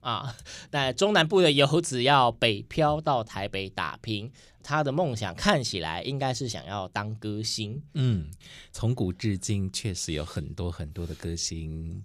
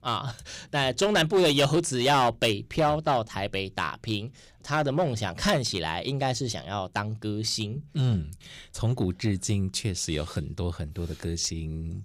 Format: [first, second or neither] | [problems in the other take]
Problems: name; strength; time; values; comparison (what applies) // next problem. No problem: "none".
first | distortion; slight; 4% of the sound clipped